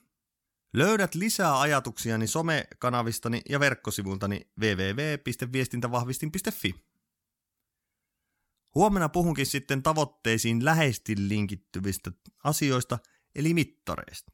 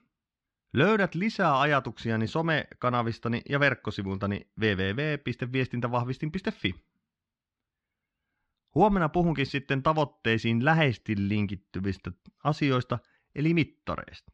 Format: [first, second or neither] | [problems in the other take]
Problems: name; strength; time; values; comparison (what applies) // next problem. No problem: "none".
first | muffled; slightly; fading above 4 kHz